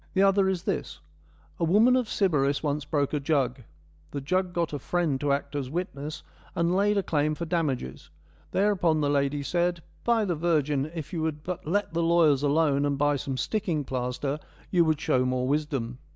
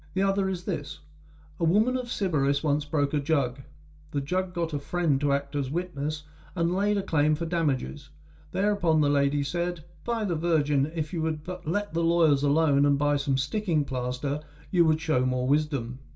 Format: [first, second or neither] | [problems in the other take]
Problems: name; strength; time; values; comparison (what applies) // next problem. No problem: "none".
first | room echo; dies away in 0.2 s